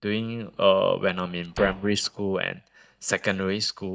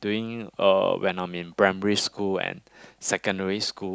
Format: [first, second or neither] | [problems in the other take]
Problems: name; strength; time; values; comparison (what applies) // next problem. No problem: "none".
second | noise reduction (neural mask model DeepFilterNet 3)